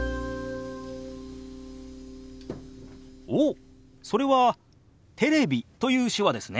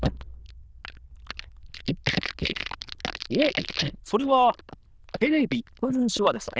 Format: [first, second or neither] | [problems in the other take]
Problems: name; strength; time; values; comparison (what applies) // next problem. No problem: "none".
first | noise reduction (neural diffusion model UNIVERSE++)